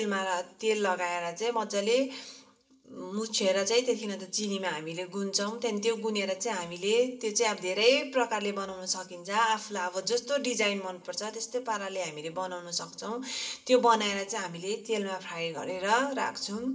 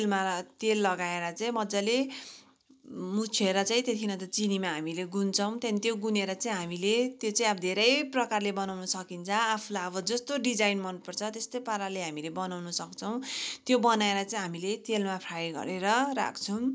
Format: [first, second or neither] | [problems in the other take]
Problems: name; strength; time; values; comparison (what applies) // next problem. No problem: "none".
second | room echo; dies away in 0.6 s